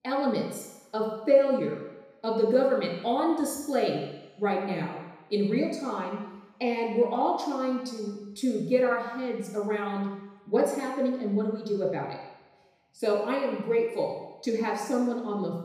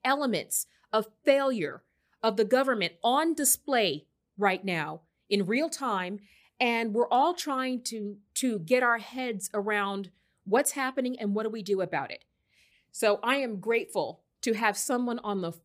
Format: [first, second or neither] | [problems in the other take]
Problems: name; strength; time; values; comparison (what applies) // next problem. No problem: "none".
second | room echo; noticeable; dies away in 1 s // off-mic speech; far